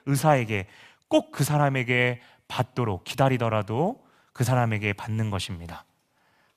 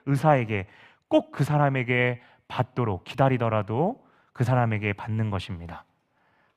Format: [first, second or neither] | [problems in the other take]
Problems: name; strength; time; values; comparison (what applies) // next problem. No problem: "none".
first | muffled; slightly; fading above 4 kHz